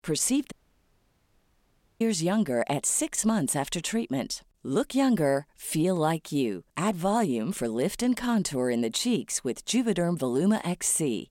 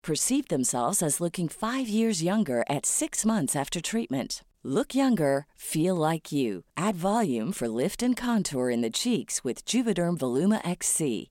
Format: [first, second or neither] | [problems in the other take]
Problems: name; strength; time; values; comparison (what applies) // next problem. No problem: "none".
second | audio cutting out; at 0.5 s for 1.5 s